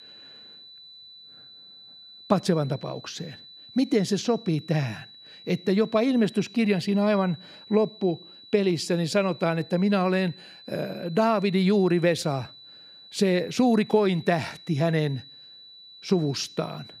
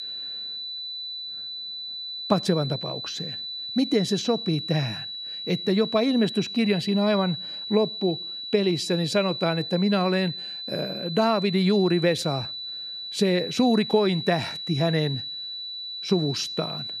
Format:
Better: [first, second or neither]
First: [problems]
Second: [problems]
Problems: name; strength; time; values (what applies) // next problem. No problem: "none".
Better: first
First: high-pitched whine; faint; throughout; 4 kHz, 20 dB below the speech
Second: high-pitched whine; loud; throughout; 4 kHz, 7 dB below the speech